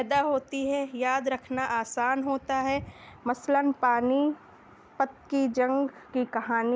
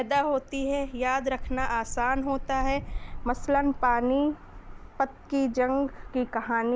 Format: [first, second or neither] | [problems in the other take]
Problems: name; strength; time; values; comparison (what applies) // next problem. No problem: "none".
first | background sound (Wind); 9 dB below the speech